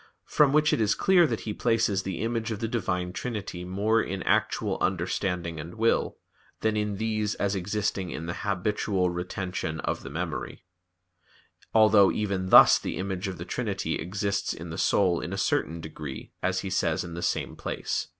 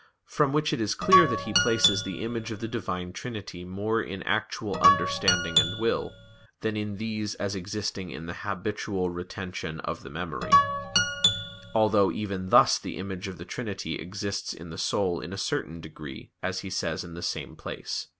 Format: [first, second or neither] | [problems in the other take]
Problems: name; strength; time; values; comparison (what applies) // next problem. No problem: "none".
first | background sound (Guitar); 3 dB above the speech